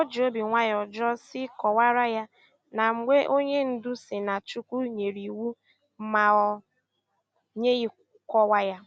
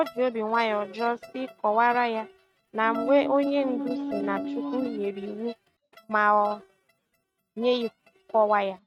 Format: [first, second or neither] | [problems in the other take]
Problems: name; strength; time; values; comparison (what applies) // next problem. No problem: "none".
first | noise reduction (neural mask model RNNoise)